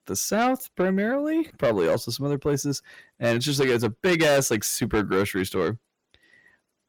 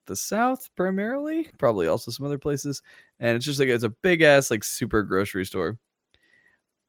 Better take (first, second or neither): second